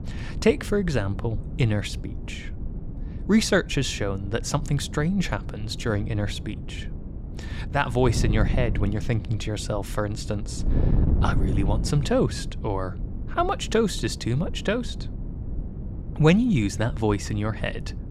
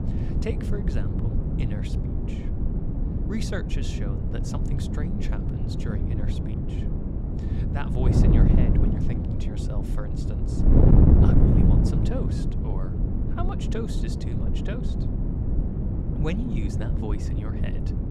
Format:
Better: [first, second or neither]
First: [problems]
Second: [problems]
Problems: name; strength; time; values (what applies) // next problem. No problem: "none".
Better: first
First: wind noise on the microphone; occasional gusts; 15 dB below the speech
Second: wind noise on the microphone; heavy; 4 dB above the speech